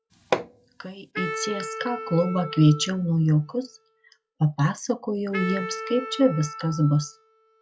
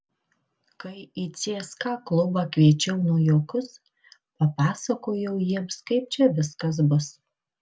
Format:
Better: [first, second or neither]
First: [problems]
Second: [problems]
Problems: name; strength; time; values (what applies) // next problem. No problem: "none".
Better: second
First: noise reduction (classical method log-MMSE)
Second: none